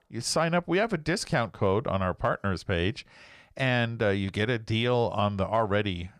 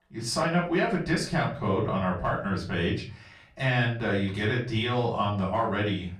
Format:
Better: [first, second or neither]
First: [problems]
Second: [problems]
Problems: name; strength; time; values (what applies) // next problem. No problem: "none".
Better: first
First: none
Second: off-mic speech; far // room echo; slight; dies away in 0.3 s